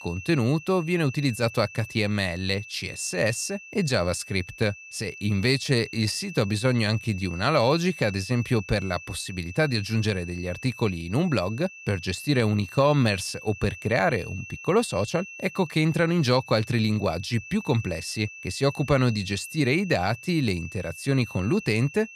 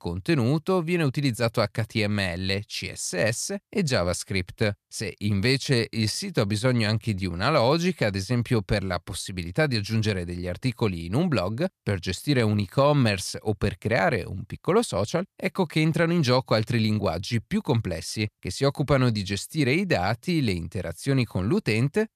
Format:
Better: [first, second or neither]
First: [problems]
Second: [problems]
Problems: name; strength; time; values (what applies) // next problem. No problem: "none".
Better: second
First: high-pitched whine; noticeable; throughout; 2.5 kHz, 15 dB below the speech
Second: none